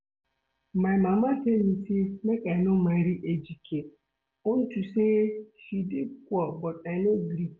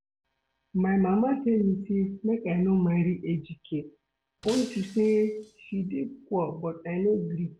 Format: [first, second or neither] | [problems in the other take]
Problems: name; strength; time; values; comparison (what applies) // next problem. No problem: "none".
first | background sound (Shatter); 19 dB below the speech